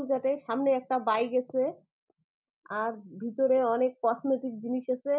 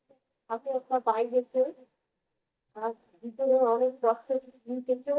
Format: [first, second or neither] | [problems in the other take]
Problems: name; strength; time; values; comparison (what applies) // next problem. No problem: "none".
first | noise reduction (neural mask model DeepFilterNet 3)